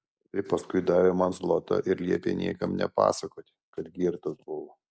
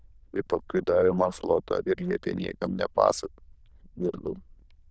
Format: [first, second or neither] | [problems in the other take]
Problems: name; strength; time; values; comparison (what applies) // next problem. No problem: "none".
first | noise reduction (neural diffusion model UNIVERSE++)